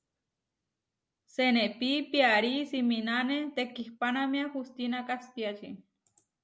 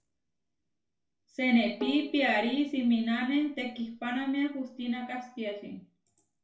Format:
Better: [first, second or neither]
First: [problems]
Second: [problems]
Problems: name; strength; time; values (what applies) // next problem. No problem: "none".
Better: first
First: none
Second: background sound (Bowed string instrument); 15 dB below the speech // room echo; dies away in 0.3 s